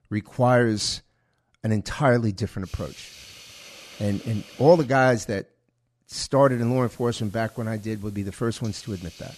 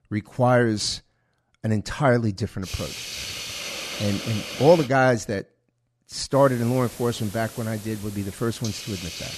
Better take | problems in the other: first | hiss; loud; from 2.5 to 5 s and from 6.5 s on; 10 dB below the speech; faint in the first

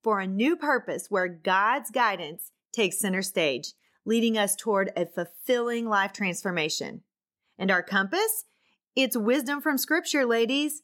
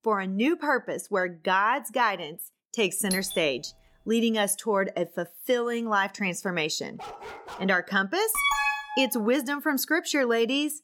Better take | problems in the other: first | doorbell; noticeable; at 3 s; peak 6 dB below the speech // dog barking; faint; at 7 s; peak 15 dB below the speech // alarm; loud; at 8.5 s; peak 3 dB above the speech

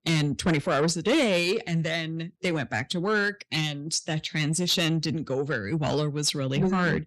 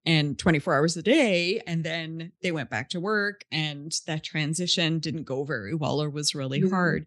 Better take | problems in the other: second | distortion; slight; 10 dB below the speech

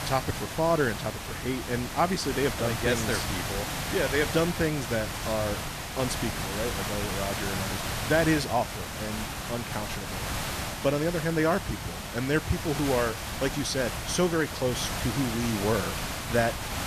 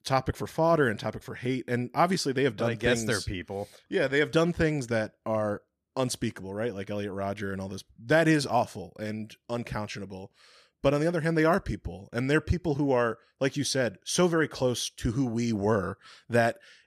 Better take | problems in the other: second | hiss; loud; throughout; 3 dB below the speech

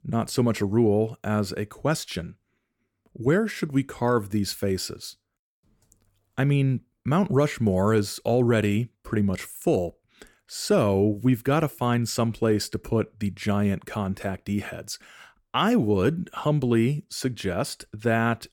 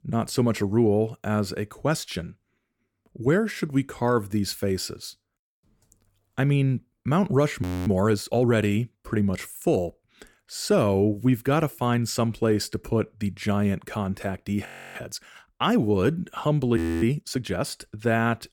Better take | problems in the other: first | audio freezing; at 7.5 s, at 15 s and at 17 s

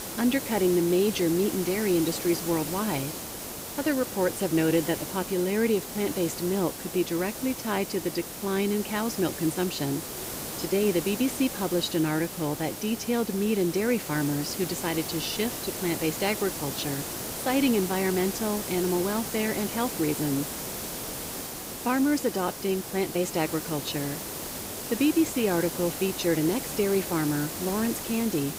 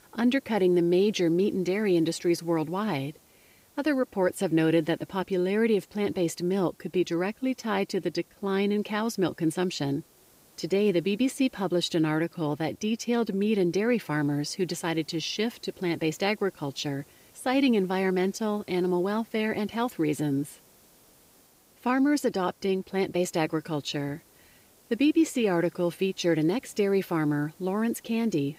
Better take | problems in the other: second | hiss; loud; throughout; 6 dB below the speech; faint in the second

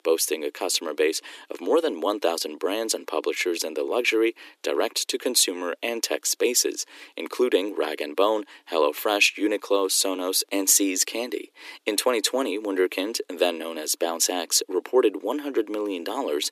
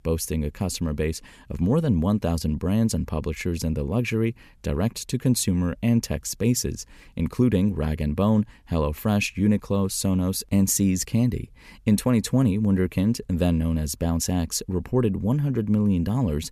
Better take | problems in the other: second | thin; very; fading below 300 Hz

